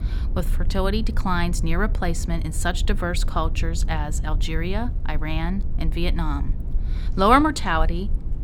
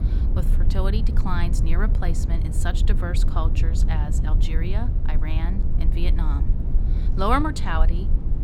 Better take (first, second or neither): first